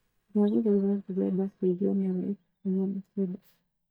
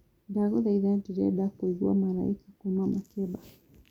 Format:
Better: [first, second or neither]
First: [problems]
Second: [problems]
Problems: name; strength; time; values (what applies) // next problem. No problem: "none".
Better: second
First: noise reduction (neural mask model DeepFilterNet 3)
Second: none